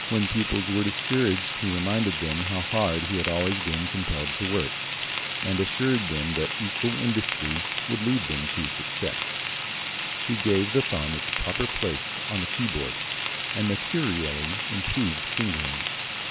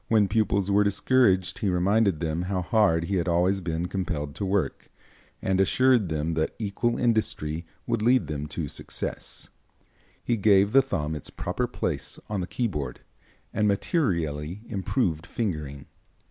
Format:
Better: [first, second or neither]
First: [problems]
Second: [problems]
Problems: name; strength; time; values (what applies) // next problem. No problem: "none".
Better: second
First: background sound (Frying (food)); 2 dB below the speech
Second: none